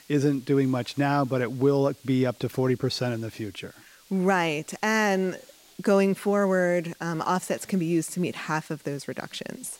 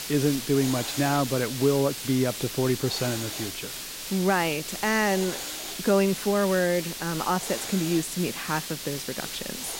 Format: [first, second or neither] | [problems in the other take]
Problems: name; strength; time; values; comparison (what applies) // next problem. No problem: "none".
first | hiss; loud; throughout; 6 dB below the speech; faint in the first